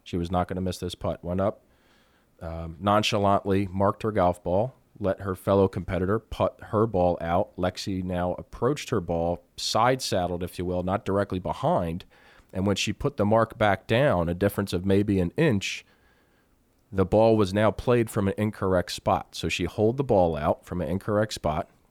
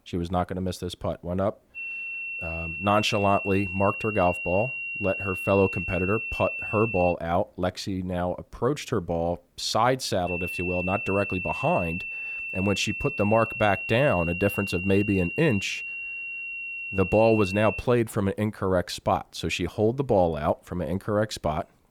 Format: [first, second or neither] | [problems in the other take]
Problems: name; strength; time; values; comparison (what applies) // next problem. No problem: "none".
first | high-pitched whine; loud; from 2 to 7 s and from 10 to 18 s; 2.5 kHz, 5 dB below the speech